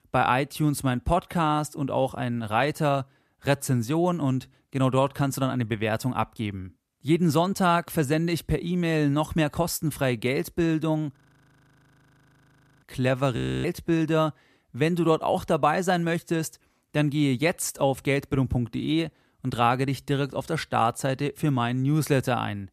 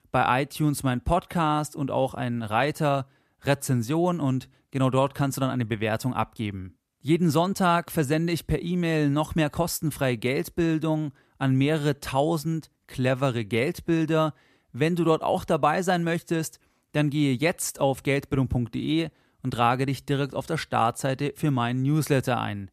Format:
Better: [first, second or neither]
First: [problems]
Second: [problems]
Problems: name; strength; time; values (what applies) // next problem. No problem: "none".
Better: second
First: audio freezing; at 11 s for 1.5 s and at 13 s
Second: none